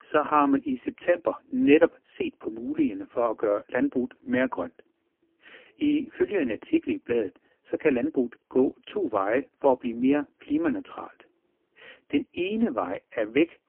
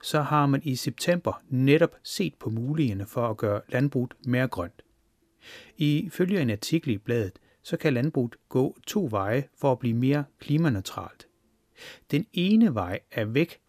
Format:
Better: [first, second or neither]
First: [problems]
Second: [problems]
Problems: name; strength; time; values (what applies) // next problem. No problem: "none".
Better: second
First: phone-call audio; poor line; nothing above 3 kHz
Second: none